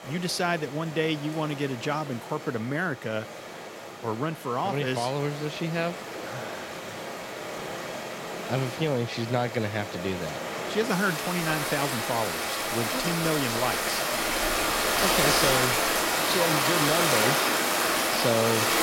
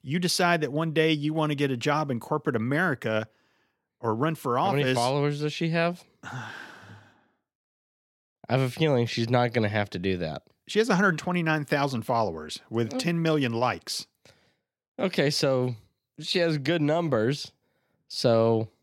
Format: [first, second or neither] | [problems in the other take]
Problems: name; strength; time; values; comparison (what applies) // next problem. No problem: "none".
second | rain or running water; very loud; throughout; 3 dB above the speech